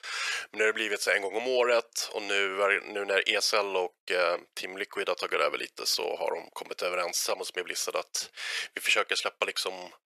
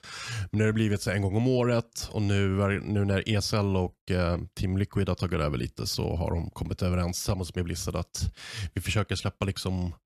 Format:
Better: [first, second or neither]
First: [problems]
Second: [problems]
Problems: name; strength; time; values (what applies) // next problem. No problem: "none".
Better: second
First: thin; very; fading below 450 Hz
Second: none